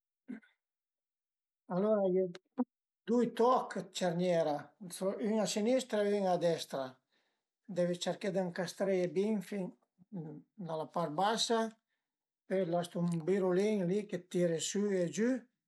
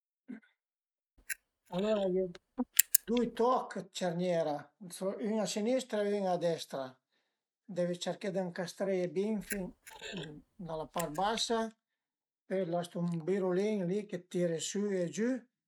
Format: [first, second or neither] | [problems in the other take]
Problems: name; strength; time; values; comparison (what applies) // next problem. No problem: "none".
first | noise reduction (neural mask model RNNoise)